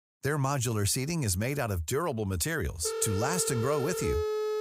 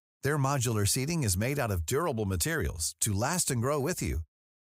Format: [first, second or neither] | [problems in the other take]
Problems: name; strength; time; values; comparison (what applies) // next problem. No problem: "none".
second | phone ringing; noticeable; from 3 s on; peak 1 dB below the speech